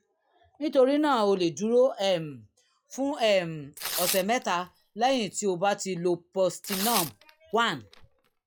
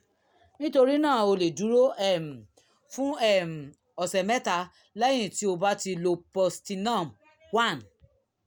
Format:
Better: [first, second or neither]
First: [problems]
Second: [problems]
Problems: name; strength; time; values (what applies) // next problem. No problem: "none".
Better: second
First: noise reduction (classical method log-MMSE)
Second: none